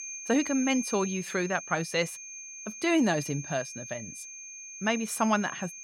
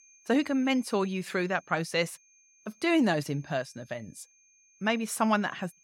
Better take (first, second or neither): second